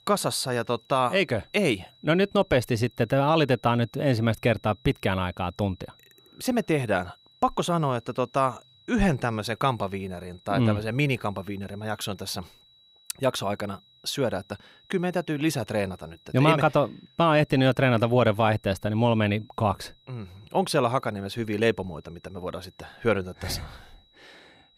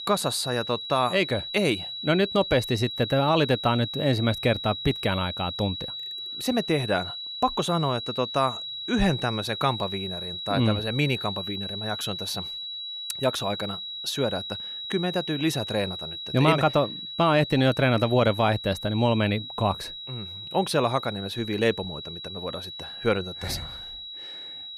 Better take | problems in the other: first | high-pitched whine; loud; throughout; 4 kHz, 7 dB below the speech; faint in the first

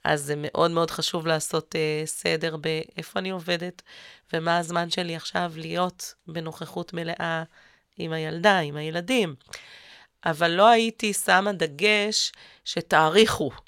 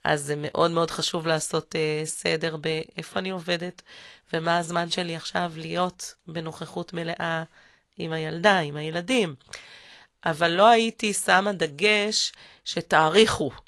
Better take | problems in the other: first | garbled, watery; slightly; nothing above 11 kHz

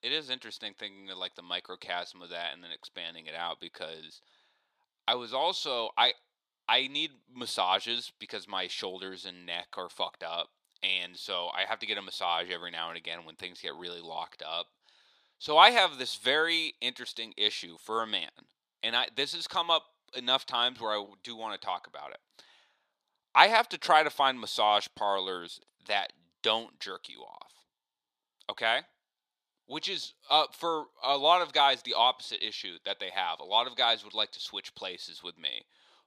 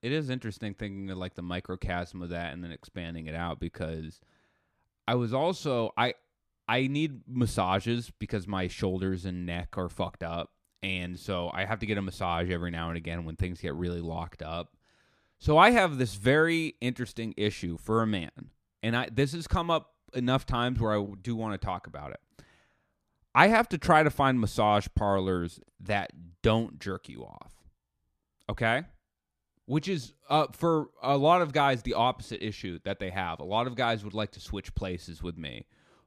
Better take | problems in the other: second | thin; very; fading below 500 Hz

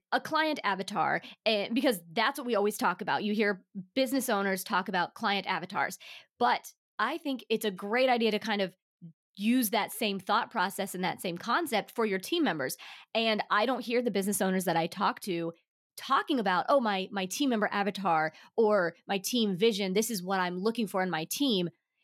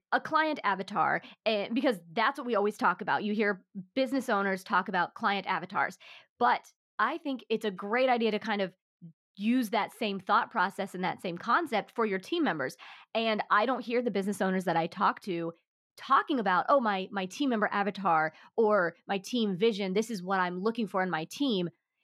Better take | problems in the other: first | muffled; slightly; fading above 2.5 kHz

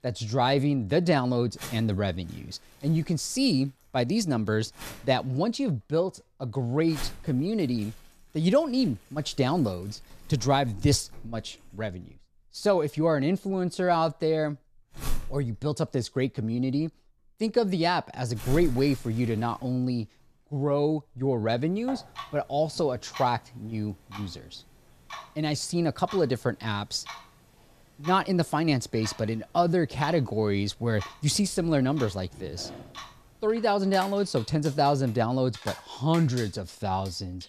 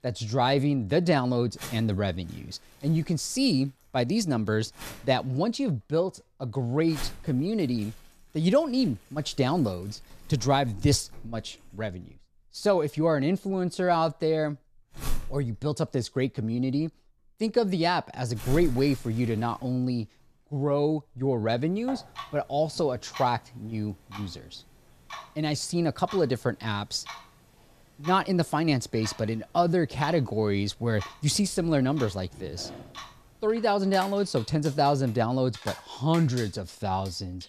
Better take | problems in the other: neither | household noises; noticeable; throughout; 15 dB below the speech; the same in both

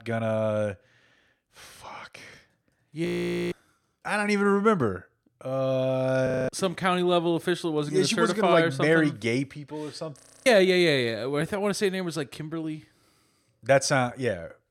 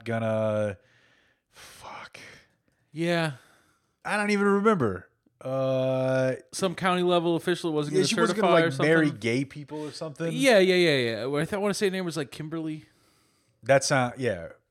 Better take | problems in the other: second | audio freezing; at 3 s, at 6.5 s and at 10 s

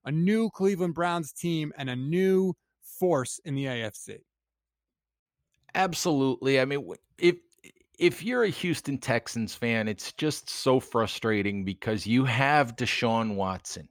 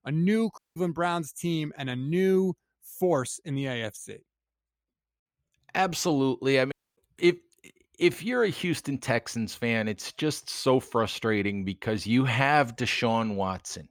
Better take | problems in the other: first | audio cutting out; at 0.5 s and at 6.5 s

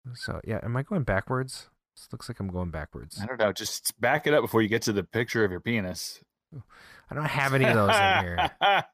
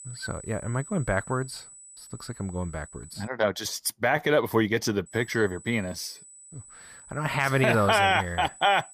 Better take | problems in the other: first | high-pitched whine; noticeable; until 3.5 s and from 5 s on; 8 kHz, 20 dB below the speech

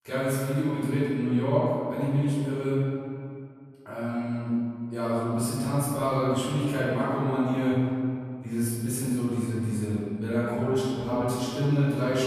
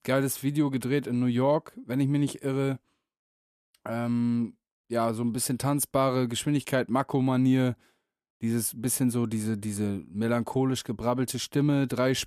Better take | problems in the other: second | off-mic speech; far // room echo; strong; dies away in 2.2 s

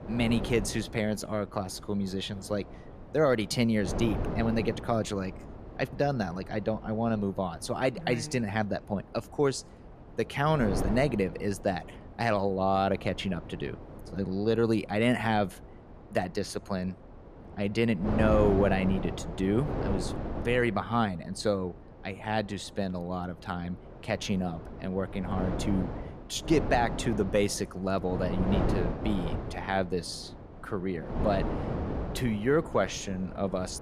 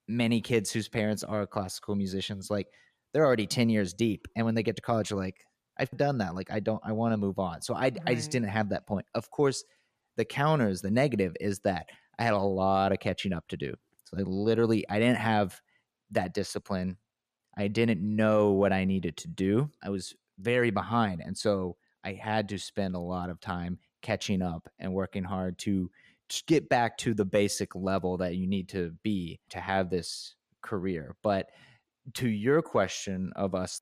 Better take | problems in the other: second | wind noise on the microphone; heavy; 9 dB below the speech

